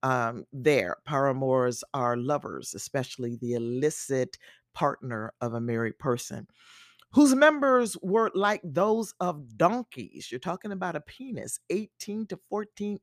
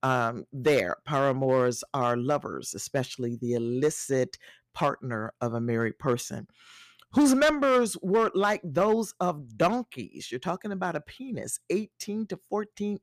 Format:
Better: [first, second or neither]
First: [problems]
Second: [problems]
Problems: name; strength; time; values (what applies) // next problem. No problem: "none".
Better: first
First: none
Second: distortion; slight; 3% of the sound clipped